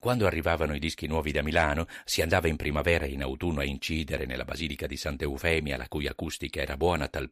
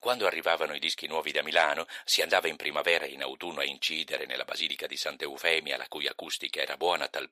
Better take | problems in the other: first | thin; very; fading below 600 Hz

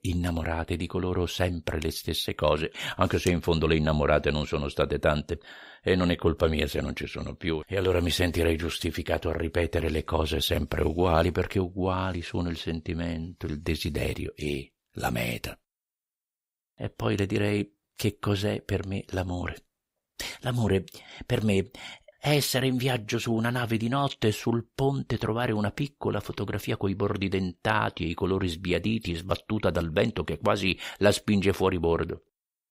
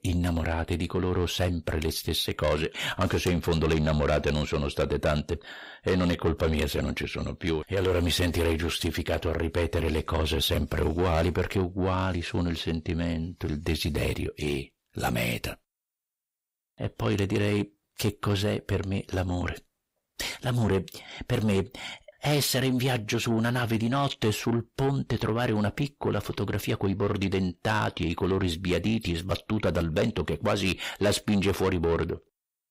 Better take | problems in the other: first | distortion; slight; 10 dB below the speech

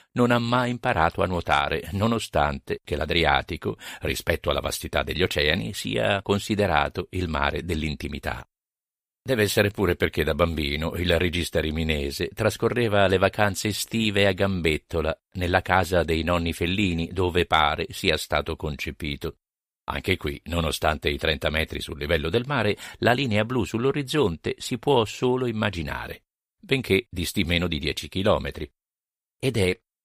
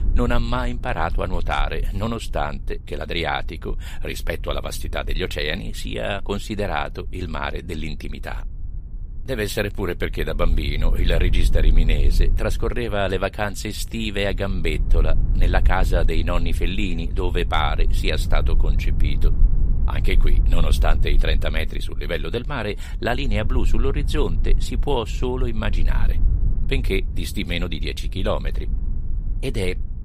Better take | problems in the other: first | low rumble; noticeable; throughout; 20 dB below the speech

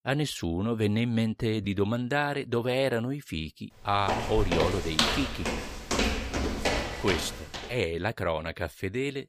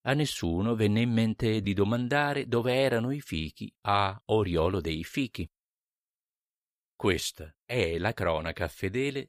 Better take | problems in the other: second | footsteps; loud; from 4 to 7.5 s; peak 4 dB above the speech

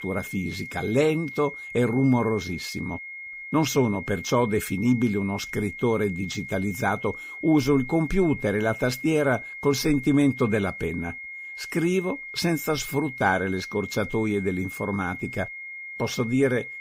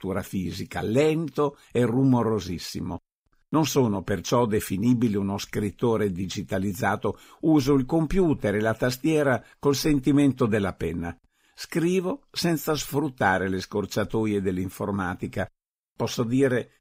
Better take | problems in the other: second | high-pitched whine; noticeable; throughout; 2 kHz, 10 dB below the speech

